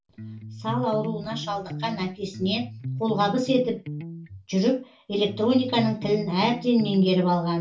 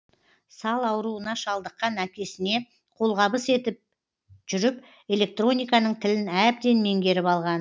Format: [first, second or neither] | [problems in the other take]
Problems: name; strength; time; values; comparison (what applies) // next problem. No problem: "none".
second | background sound (Electric guitar); 10 dB below the speech // room echo; dies away in 0.2 s